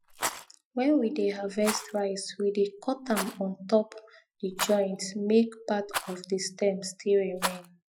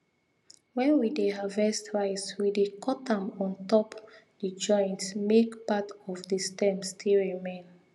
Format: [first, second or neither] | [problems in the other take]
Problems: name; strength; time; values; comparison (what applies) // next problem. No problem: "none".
second | noise reduction (classical method Wiener filter)